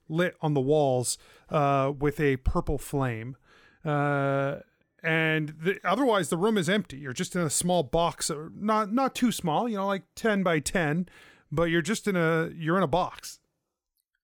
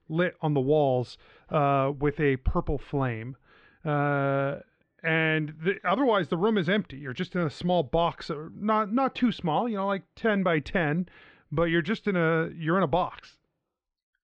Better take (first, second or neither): first